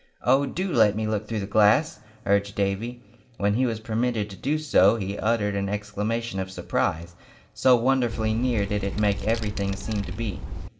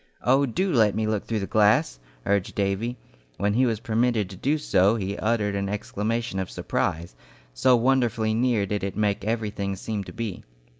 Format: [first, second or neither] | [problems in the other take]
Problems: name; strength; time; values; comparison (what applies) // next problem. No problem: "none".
second | background sound (Wind); 5 dB below the speech // room echo; dies away in 0.4 s